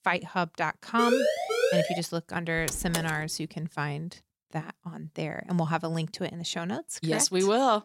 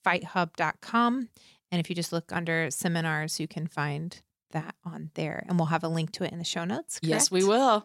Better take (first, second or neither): second